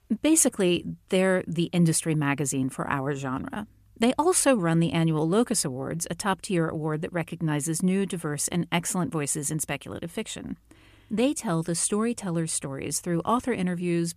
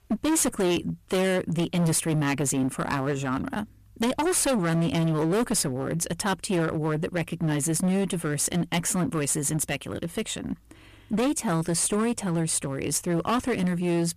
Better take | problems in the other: first | distortion; heavy; 17% of the sound clipped

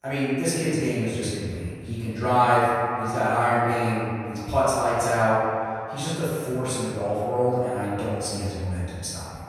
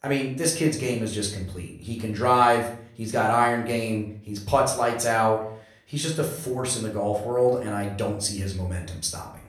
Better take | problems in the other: second | room echo; strong; dies away in 2.4 s; slight in the second // off-mic speech; far; far in the second

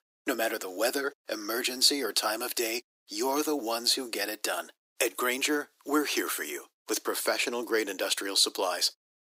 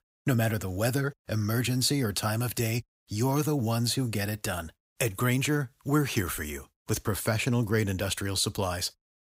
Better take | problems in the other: second | thin; somewhat; fading below 300 Hz

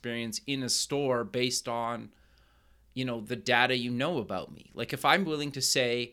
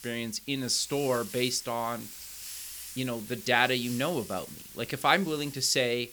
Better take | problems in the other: first | hiss; noticeable; throughout; 15 dB below the speech

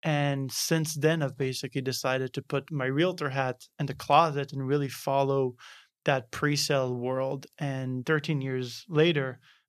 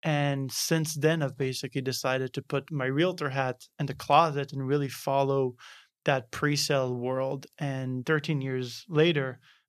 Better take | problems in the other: neither | none

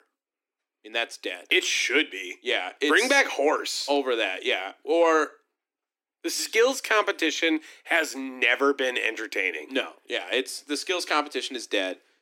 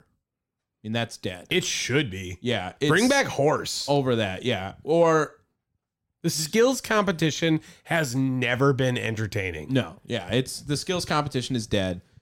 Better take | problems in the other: second | thin; somewhat; fading below 300 Hz

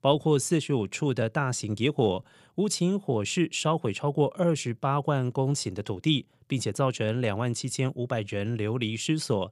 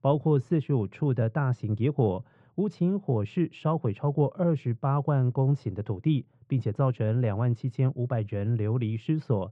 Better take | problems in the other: first | muffled; very; fading above 1.5 kHz

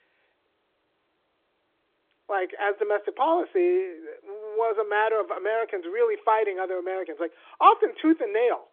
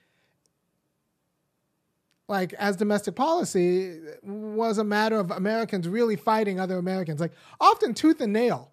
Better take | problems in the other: second | phone-call audio; nothing above 3.5 kHz

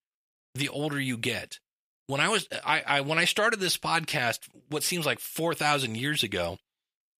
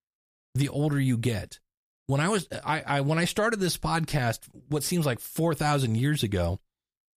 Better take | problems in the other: second | thin; somewhat; fading below 900 Hz

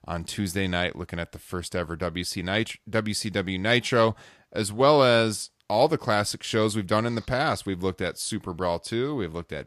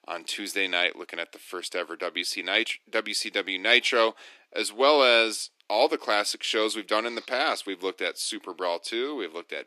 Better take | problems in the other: first | thin; somewhat; fading below 300 Hz

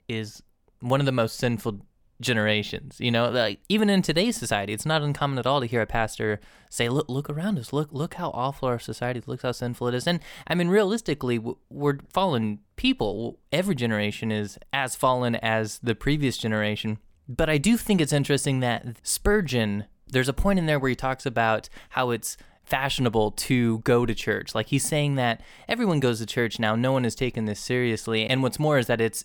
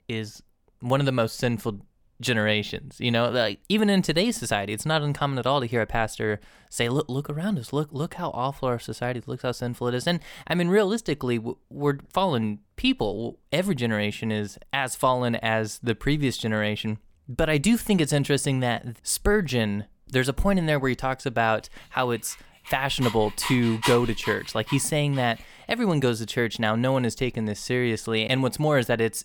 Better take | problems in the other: first | dog barking; noticeable; from 23 to 25 s; peak 3 dB below the speech

